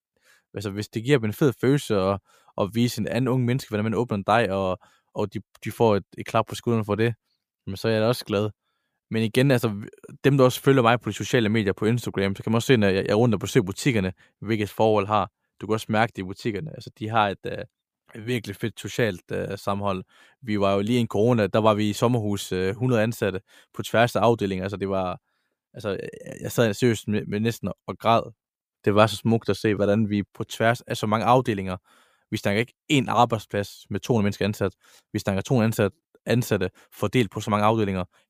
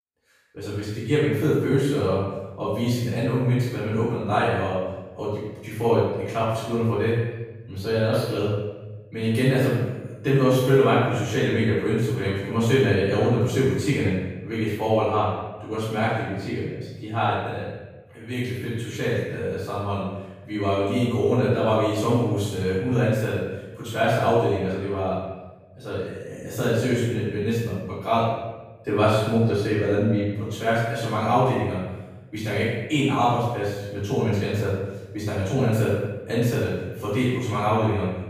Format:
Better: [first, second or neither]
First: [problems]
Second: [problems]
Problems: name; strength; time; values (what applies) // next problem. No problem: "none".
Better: first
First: none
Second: off-mic speech; far // room echo; strong; dies away in 1 s